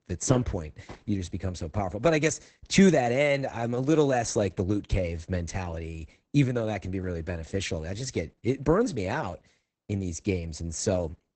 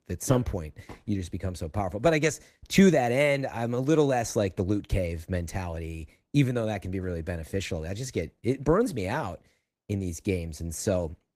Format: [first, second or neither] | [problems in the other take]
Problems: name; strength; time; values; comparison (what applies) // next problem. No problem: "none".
second | garbled, watery; badly; nothing above 8 kHz; slightly in the second